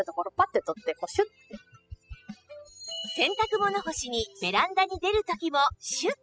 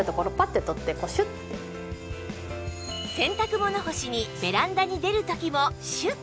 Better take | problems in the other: second | noise reduction (classical method spectral subtraction)

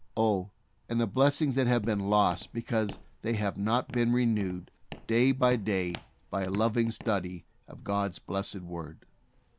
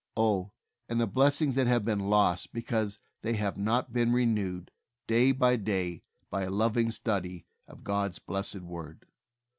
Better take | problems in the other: second | background sound (Walk, footsteps); 20 dB below the speech

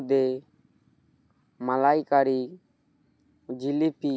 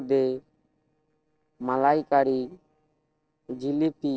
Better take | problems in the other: first | noise reduction (neural separator model SepFormer DNS4)

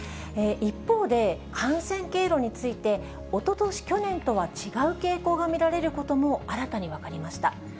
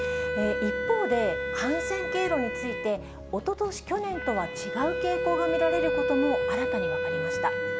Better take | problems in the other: first | background sound (Wind instrument, woodwind instrument); as loud as the speech

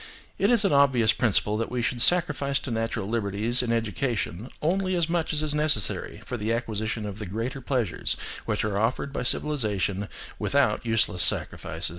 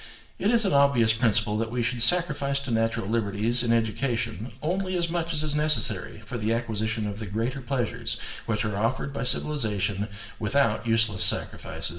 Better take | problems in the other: first | room echo; dies away in 0.6 s

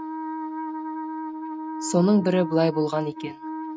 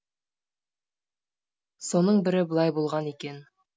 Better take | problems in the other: second | noise reduction (neural mask model RNNoise)

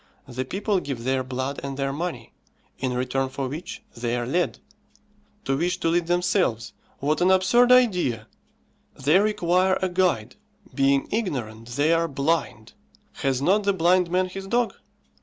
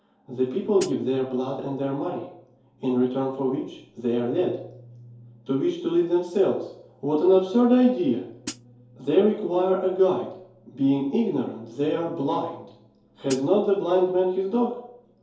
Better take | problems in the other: first | background sound (Hi-hat); 13 dB below the speech // room echo; dies away in 2.4 s

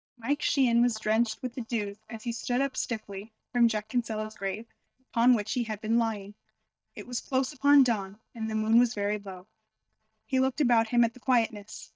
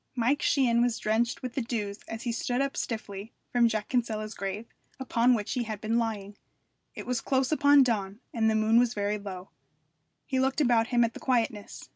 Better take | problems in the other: second | noise reduction (neural mask model DeepFilterNet 3)

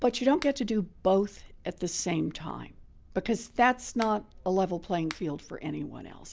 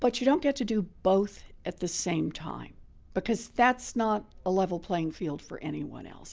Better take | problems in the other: second | background sound (Finger snapping); 20 dB below the speech

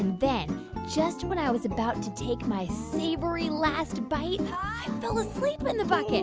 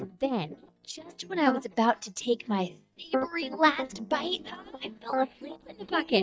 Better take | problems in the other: first | noise reduction (neural mask model DeepFilterNet 3)

